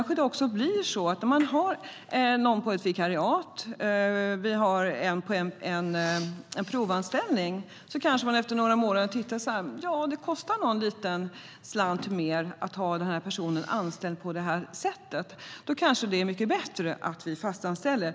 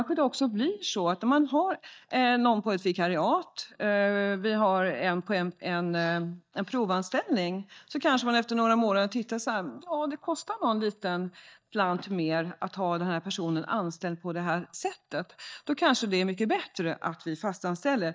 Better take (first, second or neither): first